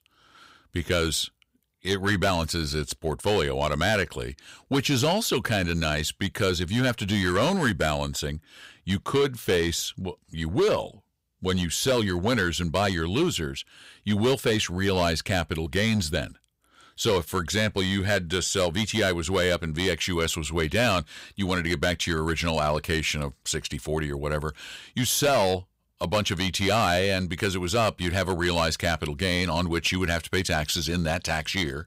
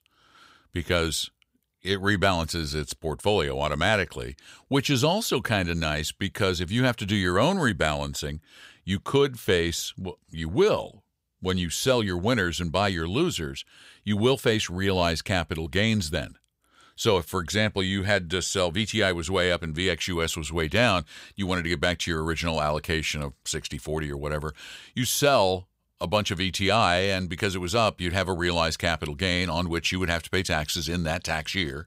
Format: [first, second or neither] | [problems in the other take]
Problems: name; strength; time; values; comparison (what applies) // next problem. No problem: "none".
second | distortion; slight; 5% of the sound clipped